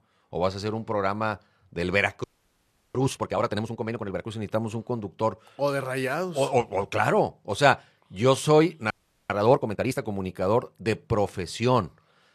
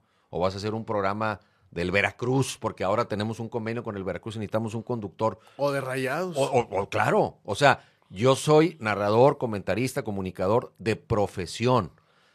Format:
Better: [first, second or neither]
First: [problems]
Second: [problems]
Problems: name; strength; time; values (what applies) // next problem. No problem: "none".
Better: second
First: audio freezing; at 2 s for 0.5 s and at 9 s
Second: none